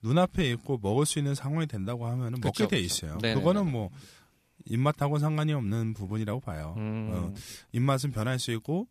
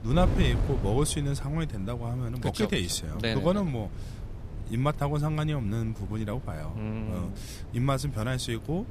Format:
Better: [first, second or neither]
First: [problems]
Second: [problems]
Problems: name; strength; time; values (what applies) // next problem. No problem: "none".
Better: first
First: none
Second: wind noise on the microphone; occasional gusts; 15 dB below the speech